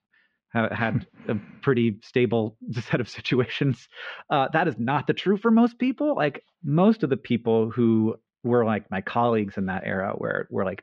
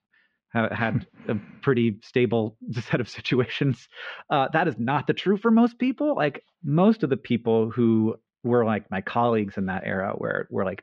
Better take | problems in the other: neither | muffled; very; fading above 3.5 kHz; the same in both

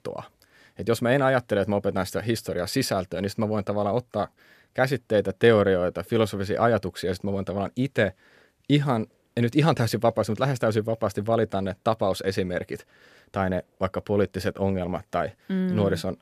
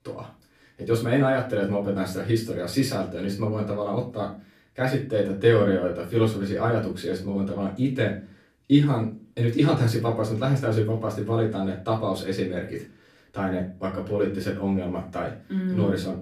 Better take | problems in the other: first | off-mic speech; far // room echo; slight; dies away in 0.3 s

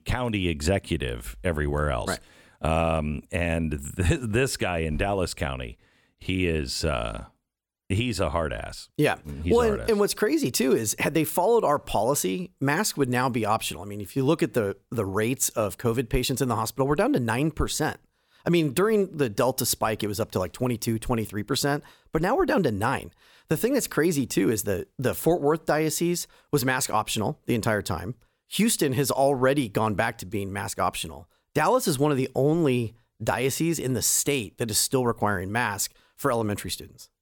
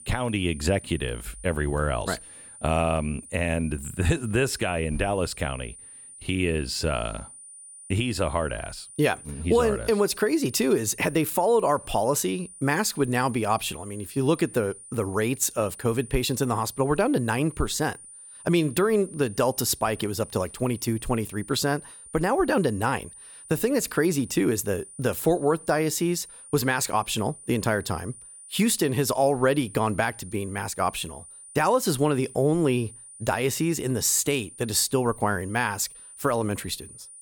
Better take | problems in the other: first | high-pitched whine; noticeable; throughout; 9.5 kHz, 15 dB below the speech

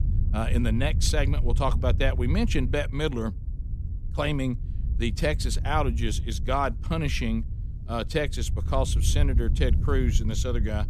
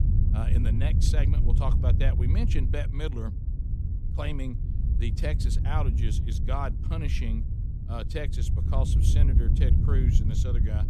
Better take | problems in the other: first | wind noise on the microphone; heavy; 4 dB below the speech; occasional gusts in the first

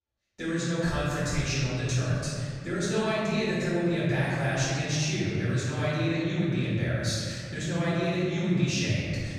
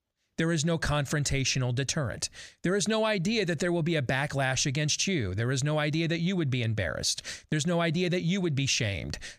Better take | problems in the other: second | off-mic speech; far // room echo; strong; dies away in 2.3 s

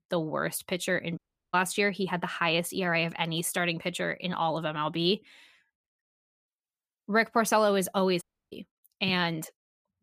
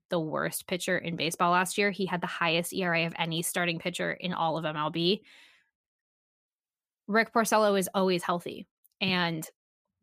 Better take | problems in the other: second | audio cutting out; at 1 s and at 8 s

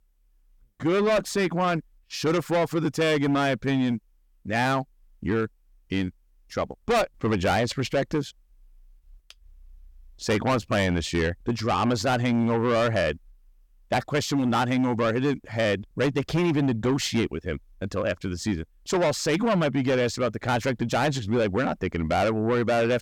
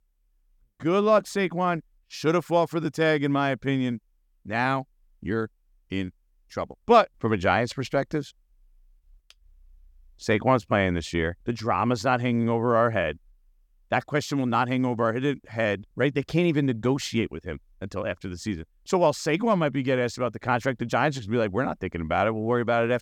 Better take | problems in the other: second | distortion; heavy; 7 dB below the speech

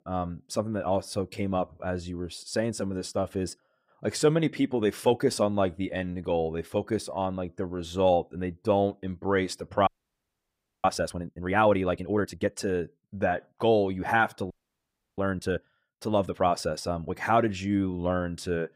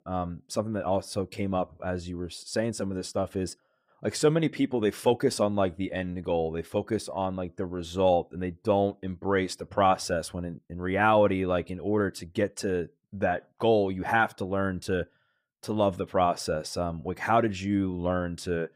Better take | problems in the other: second | audio freezing; at 10 s for 1 s and at 15 s for 0.5 s

